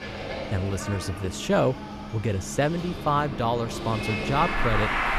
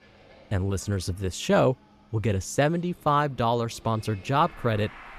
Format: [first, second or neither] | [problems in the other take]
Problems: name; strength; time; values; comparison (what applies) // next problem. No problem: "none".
second | traffic noise; loud; throughout; 4 dB below the speech; faint in the second